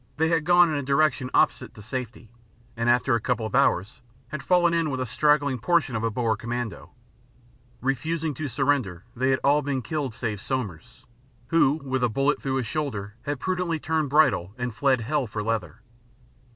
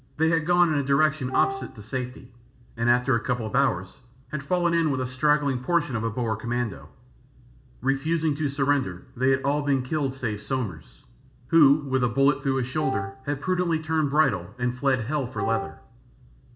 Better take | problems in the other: first | background sound (Wind instrument, woodwind instrument); 7 dB below the speech // room echo; dies away in 0.4 s

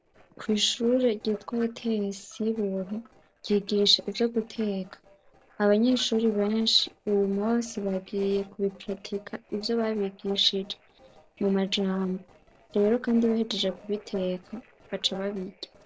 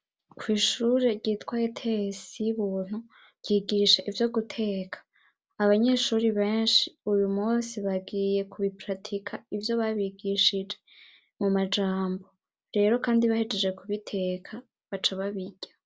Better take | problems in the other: second | noise reduction (neural separator model SepFormer DNS4)

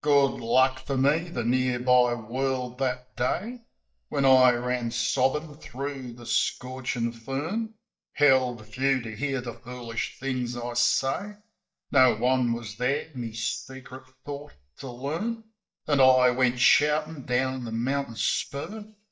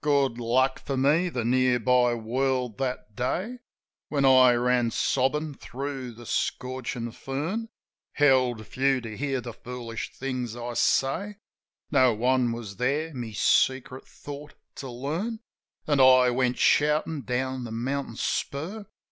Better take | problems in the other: second | noise reduction (neural mask model DeepFilterNet 3)

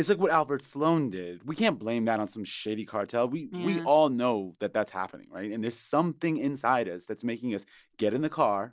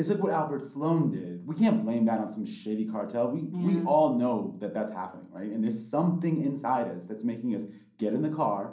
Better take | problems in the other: first | room echo; dies away in 0.6 s

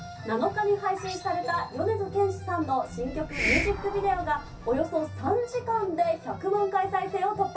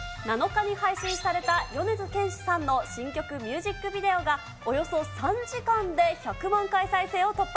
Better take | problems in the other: second | background sound (Hiss); 4 dB below the speech // room echo; dies away in 0.3 s

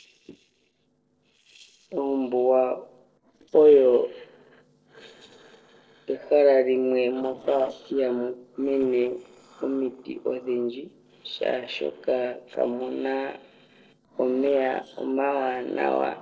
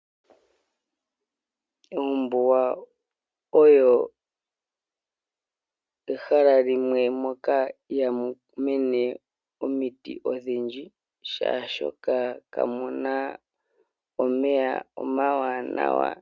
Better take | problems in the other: second | noise reduction (neural separator model SepFormer DNS4)

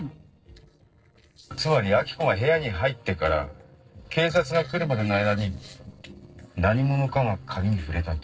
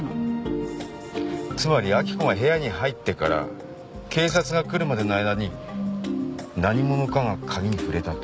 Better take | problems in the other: second | noise reduction (neural separator model SepFormer DNS4)

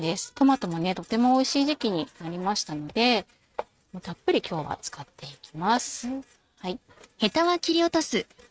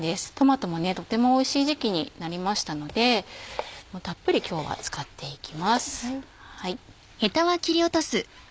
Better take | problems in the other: second | noise reduction (neural mask model RNNoise)

